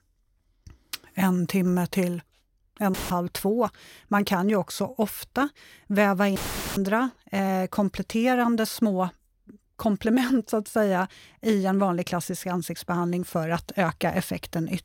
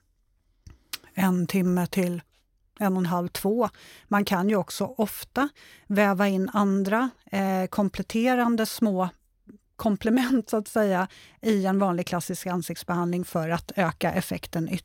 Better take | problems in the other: second | audio cutting out; filled with static; at 3 s and at 6.5 s

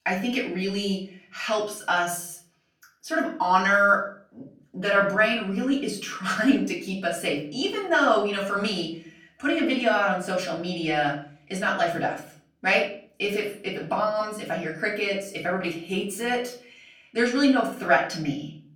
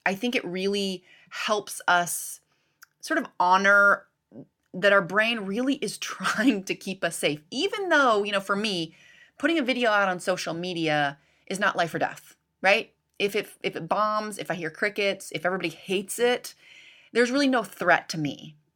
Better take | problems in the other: second | off-mic speech; far // room echo; slight; dies away in 0.4 s

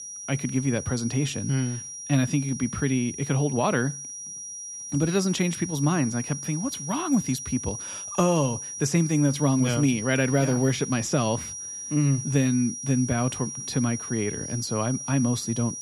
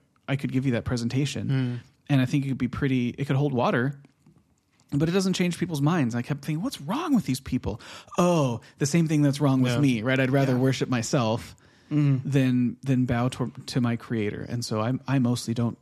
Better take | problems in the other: second | high-pitched whine; loud; throughout; 5.5 kHz, 8 dB below the speech

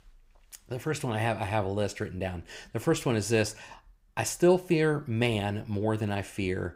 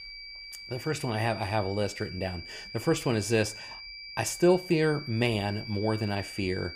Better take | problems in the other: first | high-pitched whine; noticeable; throughout; 4.5 kHz, 10 dB below the speech

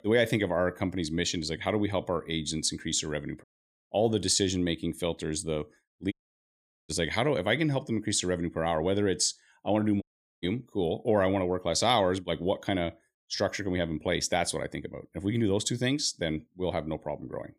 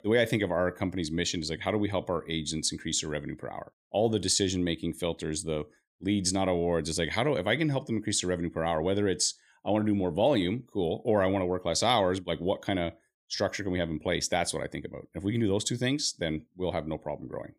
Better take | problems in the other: second | audio cutting out; at 3.5 s, at 6 s for 1 s and at 10 s

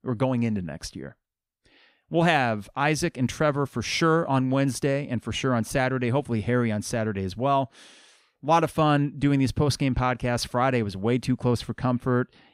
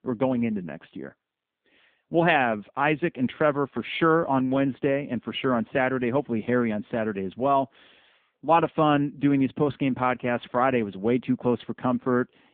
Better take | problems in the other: first | phone-call audio; poor line

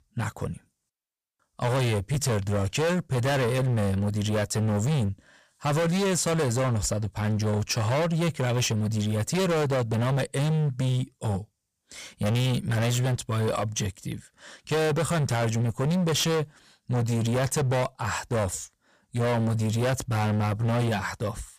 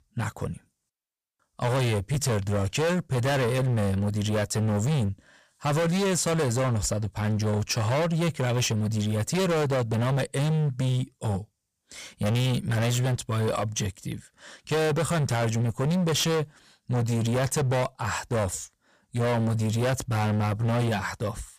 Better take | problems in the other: neither | distortion; heavy; 28% of the sound clipped; the same in both

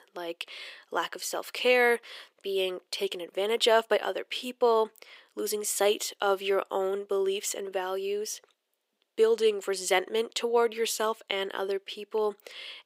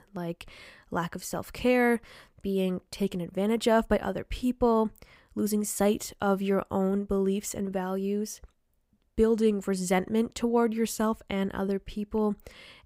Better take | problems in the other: second | thin; very; fading below 400 Hz

